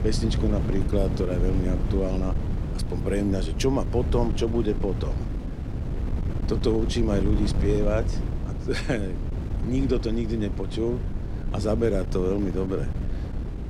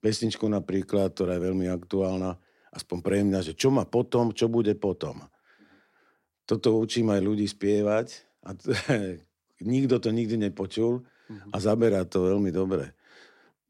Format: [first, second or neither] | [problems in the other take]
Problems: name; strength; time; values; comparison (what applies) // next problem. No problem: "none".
second | wind noise on the microphone; heavy; 9 dB below the speech